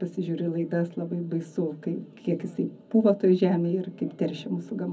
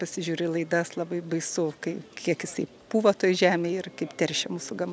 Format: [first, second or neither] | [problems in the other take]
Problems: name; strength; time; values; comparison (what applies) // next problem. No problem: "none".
second | room echo; dies away in 0.4 s